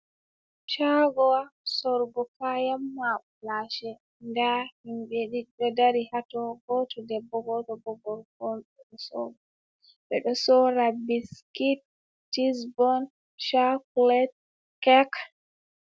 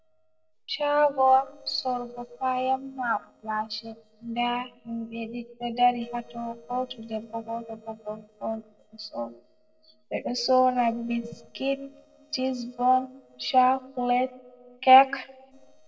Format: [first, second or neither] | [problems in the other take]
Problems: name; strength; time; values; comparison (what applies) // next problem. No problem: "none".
first | noise reduction (neural separator model SepFormer DNS4)